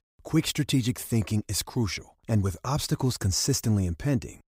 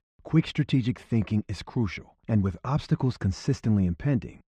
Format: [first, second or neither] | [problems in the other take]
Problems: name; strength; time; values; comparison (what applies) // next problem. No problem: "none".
first | muffled; slightly; fading above 2.5 kHz